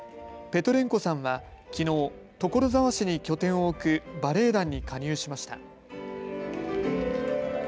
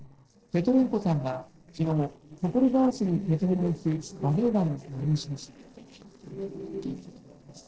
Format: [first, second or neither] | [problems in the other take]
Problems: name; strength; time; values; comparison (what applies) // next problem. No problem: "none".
first | noise reduction (neural separator model SepFormer DNS4)